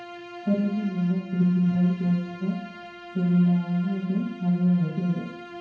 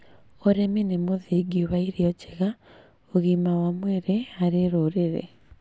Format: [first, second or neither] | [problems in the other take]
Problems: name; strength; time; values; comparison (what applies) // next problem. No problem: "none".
second | background sound (Bowed string instrument); 18 dB below the speech // room echo; dies away in 0.9 s